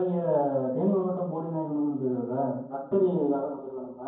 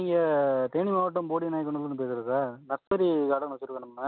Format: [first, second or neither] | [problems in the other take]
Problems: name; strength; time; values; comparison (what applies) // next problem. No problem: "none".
second | room echo; dies away in 0.9 s